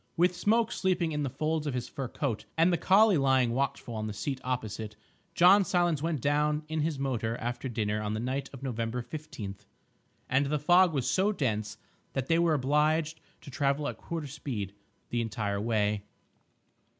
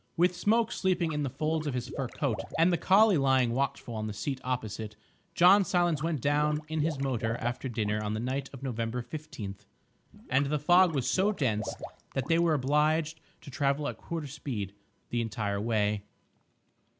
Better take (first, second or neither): first